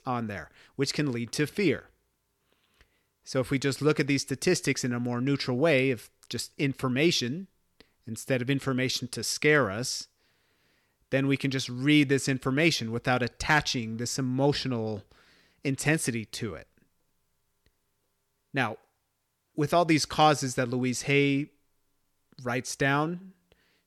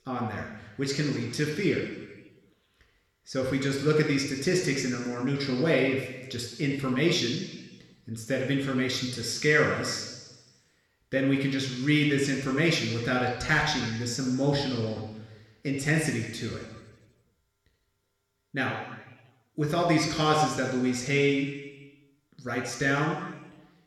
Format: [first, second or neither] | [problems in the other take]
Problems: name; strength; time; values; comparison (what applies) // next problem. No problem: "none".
first | room echo; noticeable; dies away in 1.1 s // off-mic speech; somewhat distant